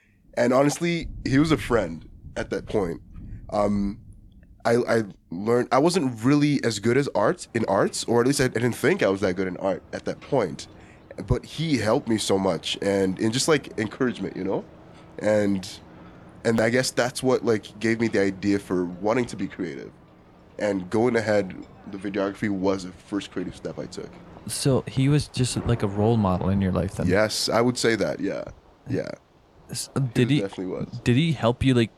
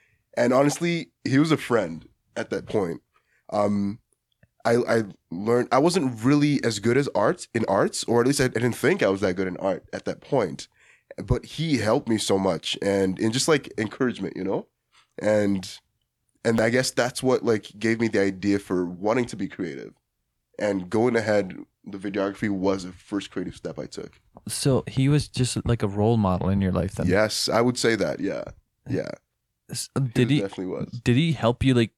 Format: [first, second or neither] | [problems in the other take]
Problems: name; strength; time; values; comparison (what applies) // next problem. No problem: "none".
second | rain or running water; faint; throughout; 20 dB below the speech